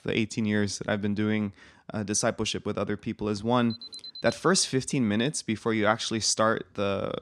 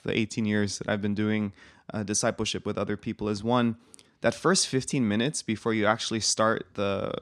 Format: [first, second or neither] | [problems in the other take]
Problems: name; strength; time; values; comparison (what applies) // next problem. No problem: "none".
second | alarm; faint; at 3.5 s; peak 10 dB below the speech